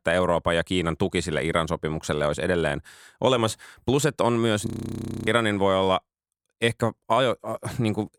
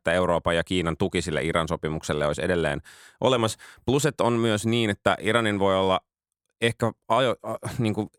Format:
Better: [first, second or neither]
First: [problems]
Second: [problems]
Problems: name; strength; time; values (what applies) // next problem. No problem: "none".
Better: second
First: audio freezing; at 4.5 s for 0.5 s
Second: none